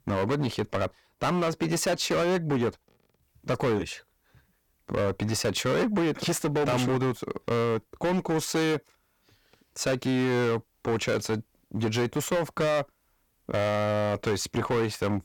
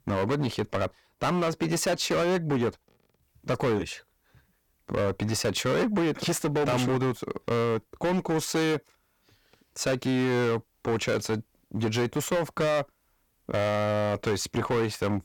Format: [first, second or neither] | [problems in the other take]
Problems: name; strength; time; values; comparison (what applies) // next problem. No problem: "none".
neither | distortion; heavy; 16% of the sound clipped; the same in both